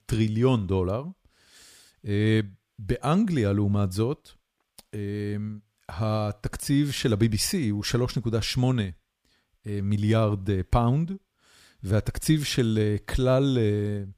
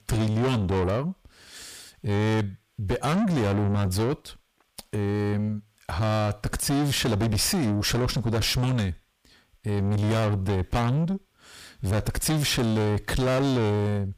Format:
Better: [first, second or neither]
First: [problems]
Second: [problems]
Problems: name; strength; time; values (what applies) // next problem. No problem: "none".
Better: first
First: none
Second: distortion; heavy; 6 dB below the speech